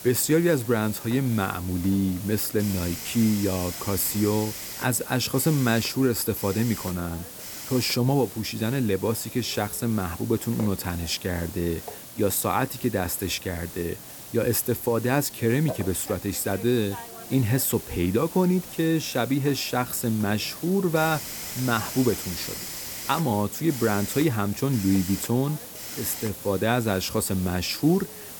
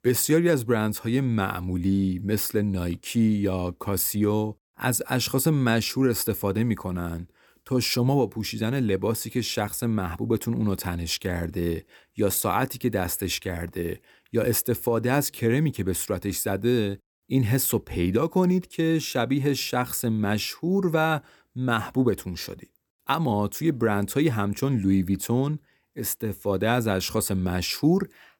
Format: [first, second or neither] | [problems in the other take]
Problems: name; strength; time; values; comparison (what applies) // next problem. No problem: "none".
second | hiss; noticeable; throughout; 10 dB below the speech